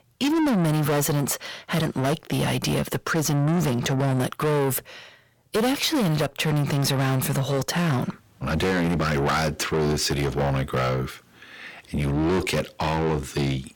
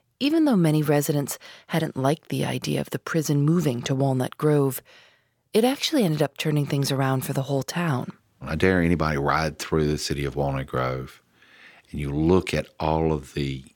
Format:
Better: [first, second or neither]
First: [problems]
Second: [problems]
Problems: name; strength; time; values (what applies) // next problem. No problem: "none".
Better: second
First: distortion; heavy; 5 dB below the speech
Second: none